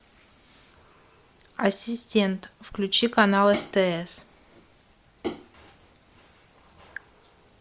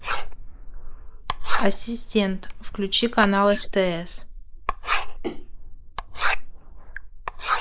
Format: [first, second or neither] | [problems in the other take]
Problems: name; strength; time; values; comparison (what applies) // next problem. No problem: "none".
first | noise reduction (neural mask model Resemble Enhance denoiser)